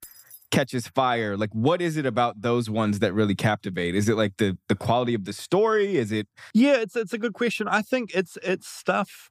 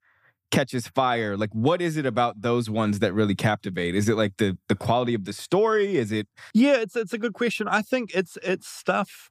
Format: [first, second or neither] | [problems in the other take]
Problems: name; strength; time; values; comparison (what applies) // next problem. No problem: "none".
second | jangling keys; faint; at the start; peak 20 dB below the speech